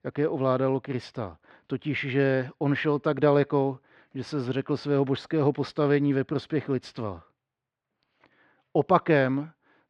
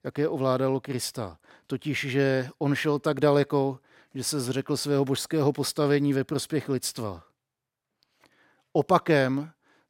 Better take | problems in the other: second | muffled; slightly; fading above 3 kHz

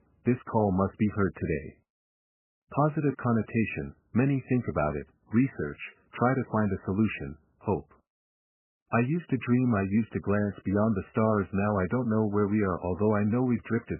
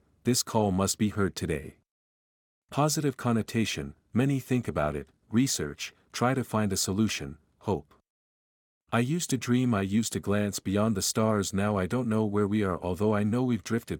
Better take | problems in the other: second | garbled, watery; badly; nothing above 2.5 kHz

